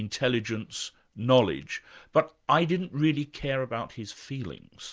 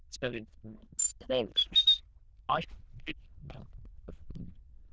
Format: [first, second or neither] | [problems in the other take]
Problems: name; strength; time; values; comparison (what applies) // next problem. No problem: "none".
first | noise reduction (neural diffusion model UNIVERSE++)